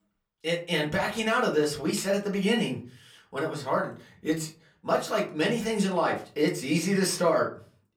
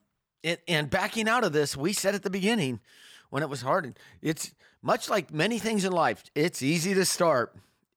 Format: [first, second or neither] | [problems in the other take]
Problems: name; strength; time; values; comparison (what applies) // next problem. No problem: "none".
second | off-mic speech; far // room echo; very slight; dies away in 0.3 s